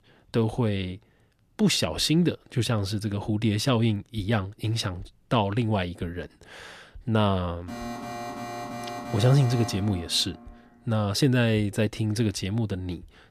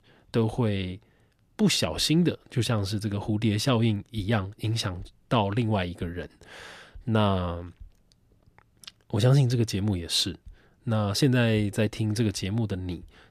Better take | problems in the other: second | alarm; noticeable; from 7.5 to 11 s; peak 9 dB below the speech

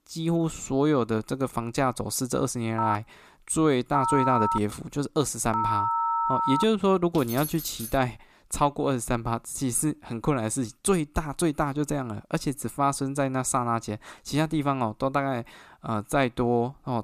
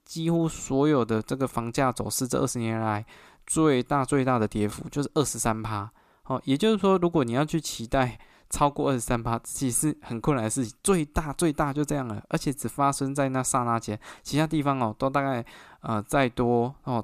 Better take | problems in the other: second | phone ringing; loud; from 3 to 6.5 s; peak 2 dB above the speech // jangling keys; noticeable; at 7 s; peak 8 dB below the speech

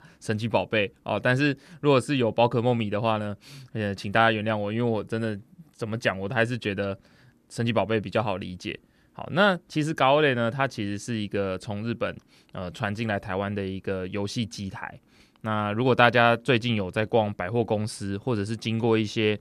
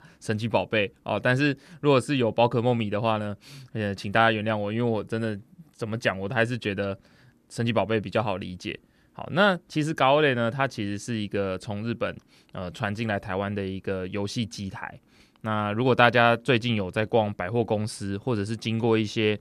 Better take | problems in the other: neither | none

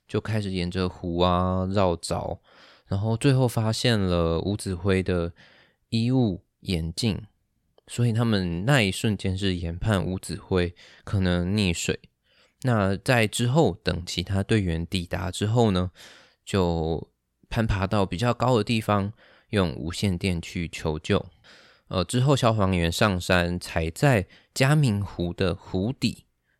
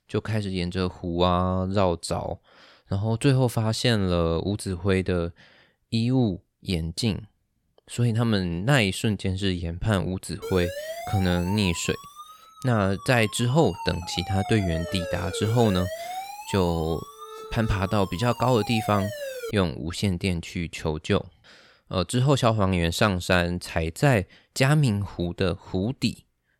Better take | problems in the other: first | siren; noticeable; from 10 to 20 s; peak 8 dB below the speech

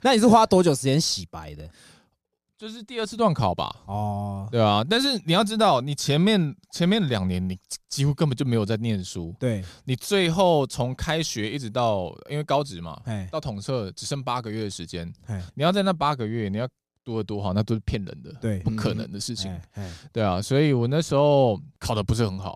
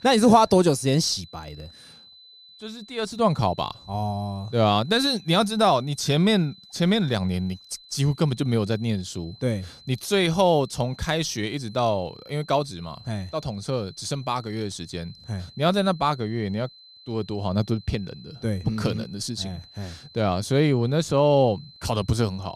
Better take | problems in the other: first | high-pitched whine; faint; throughout; 4 kHz, 25 dB below the speech

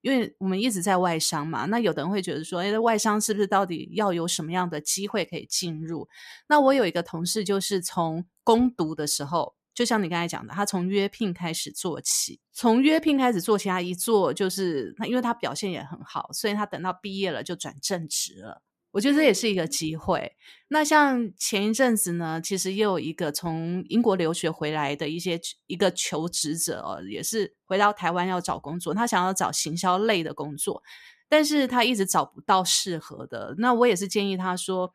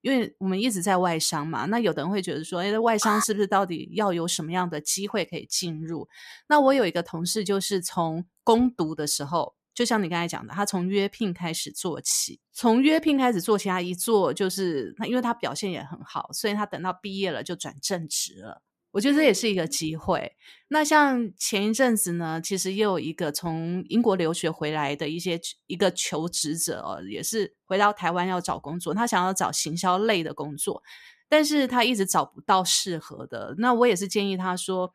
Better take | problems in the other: first | alarm; noticeable; at 3 s; peak 4 dB below the speech

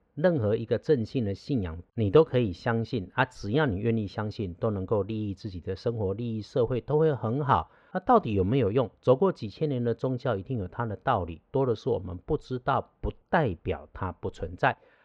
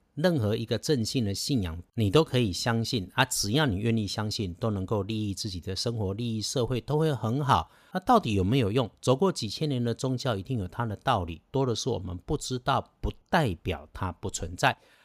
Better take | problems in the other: second | muffled; very; fading above 2 kHz

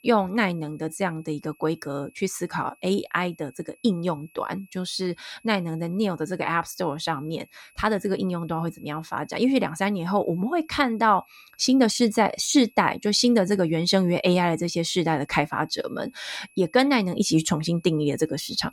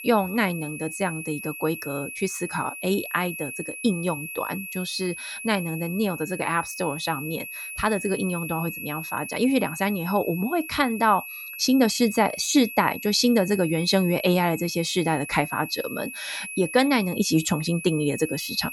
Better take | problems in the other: first | high-pitched whine; loud; throughout; 2.5 kHz, 9 dB below the speech; faint in the first

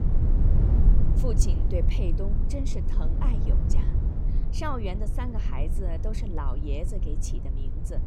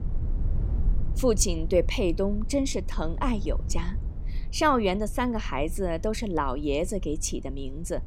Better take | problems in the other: second | low rumble; loud; throughout; 4 dB below the speech; faint in the second

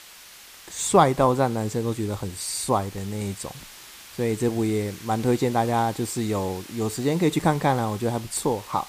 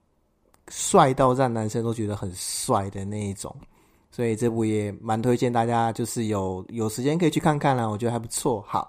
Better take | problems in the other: second | hiss; noticeable; throughout; 20 dB below the speech

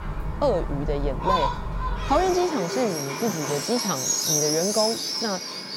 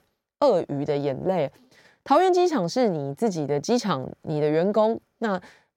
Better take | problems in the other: second | animal sounds; very loud; throughout; as loud as the speech

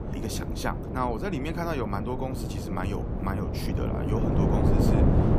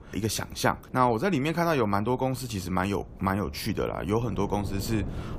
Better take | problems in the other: second | wind noise on the microphone; heavy; as loud as the speech; occasional gusts in the second

